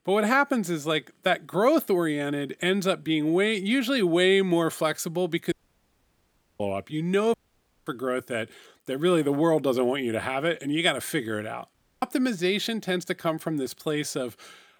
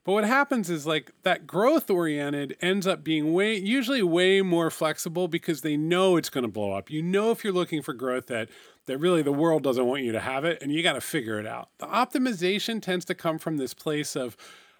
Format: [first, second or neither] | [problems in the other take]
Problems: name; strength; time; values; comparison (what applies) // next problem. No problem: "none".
second | audio cutting out; at 5.5 s for 1 s, at 7.5 s for 0.5 s and at 12 s